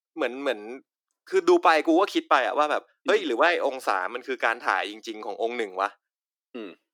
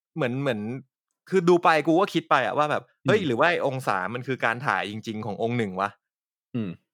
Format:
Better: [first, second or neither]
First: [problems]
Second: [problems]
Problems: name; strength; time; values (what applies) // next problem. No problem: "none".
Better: second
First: thin; somewhat; fading below 300 Hz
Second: none